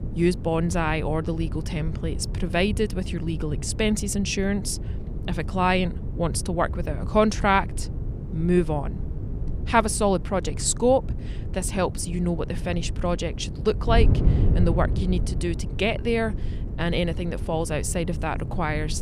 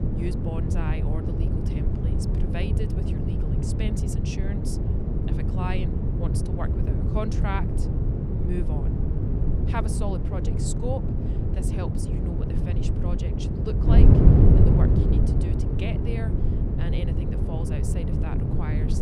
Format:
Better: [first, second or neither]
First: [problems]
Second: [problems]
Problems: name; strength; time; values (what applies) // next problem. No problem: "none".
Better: first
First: wind noise on the microphone; occasional gusts; 15 dB below the speech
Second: wind noise on the microphone; heavy; 3 dB above the speech